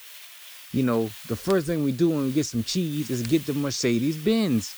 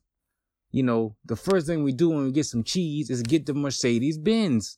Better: second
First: hiss; noticeable; throughout; 15 dB below the speech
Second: none

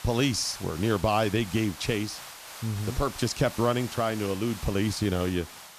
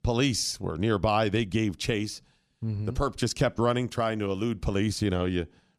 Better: second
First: hiss; noticeable; throughout; 15 dB below the speech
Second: none

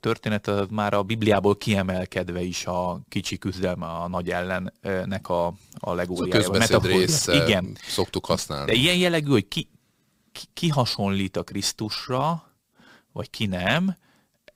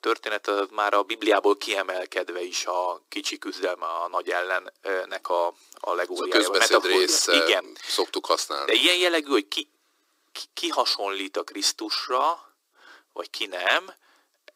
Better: first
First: none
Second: thin; very; fading below 300 Hz

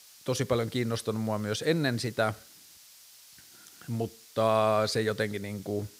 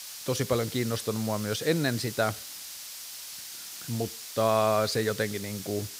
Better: first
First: hiss; faint; throughout; 20 dB below the speech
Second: hiss; loud; throughout; 9 dB below the speech

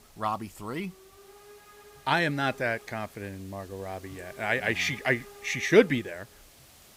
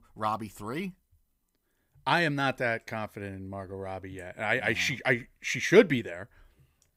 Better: second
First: hiss; faint; throughout; 20 dB below the speech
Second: none

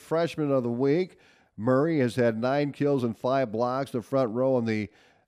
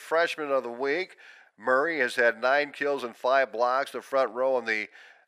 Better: first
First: none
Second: thin; very; fading below 650 Hz

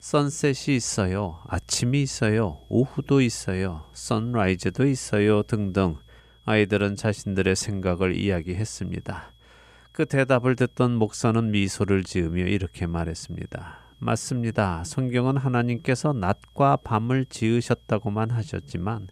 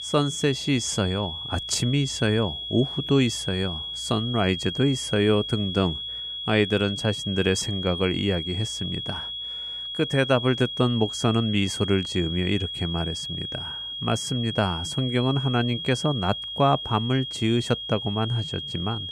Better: first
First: high-pitched whine; faint; throughout; 3.5 kHz, 35 dB below the speech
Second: high-pitched whine; loud; throughout; 3.5 kHz, 5 dB below the speech

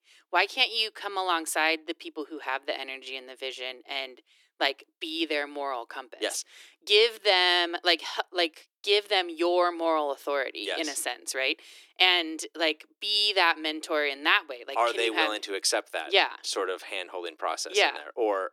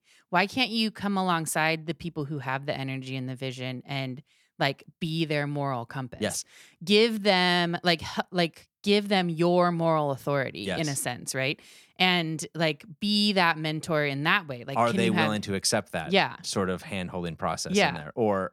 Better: second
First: thin; very; fading below 300 Hz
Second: none

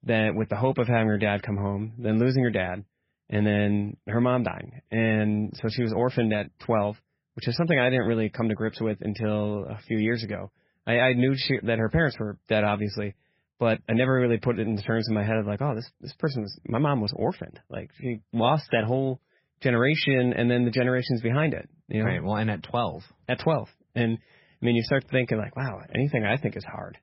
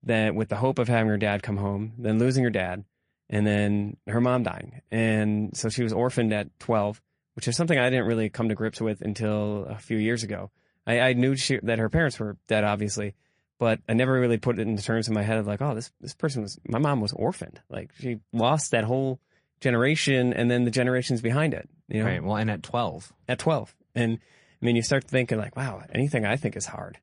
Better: second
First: garbled, watery; badly; nothing above 5.5 kHz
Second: garbled, watery; slightly; nothing above 10.5 kHz

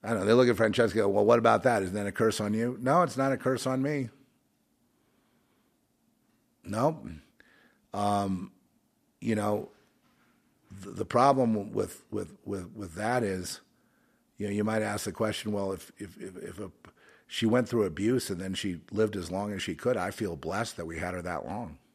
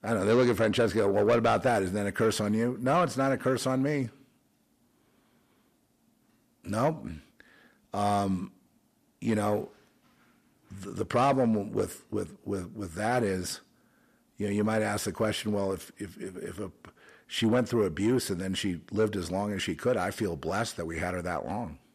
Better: first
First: none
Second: distortion; slight; 10 dB below the speech

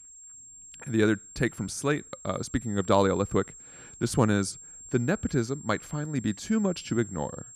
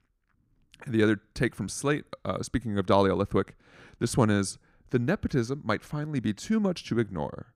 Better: second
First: high-pitched whine; noticeable; throughout; 7.5 kHz, 15 dB below the speech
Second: none

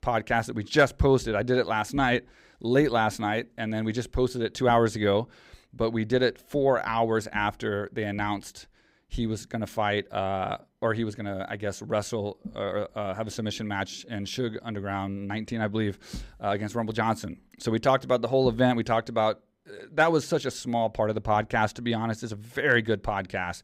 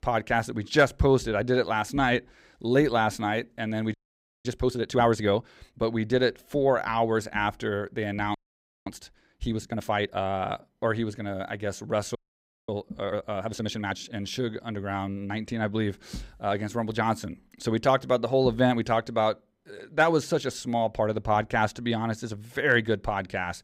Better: first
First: none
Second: audio freezing; at 4 s for 0.5 s, at 8.5 s for 0.5 s and at 12 s for 0.5 s

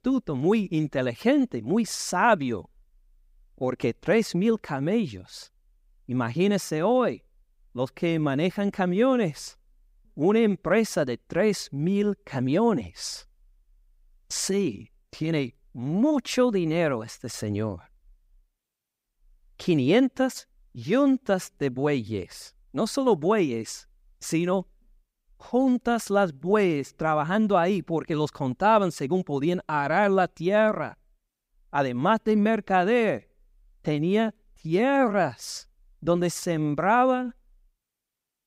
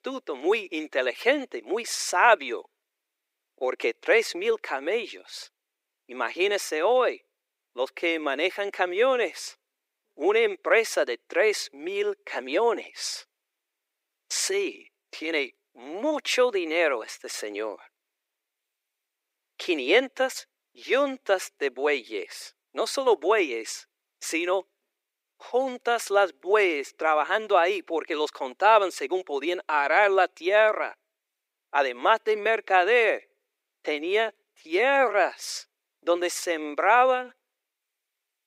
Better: first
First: none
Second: thin; very; fading below 350 Hz

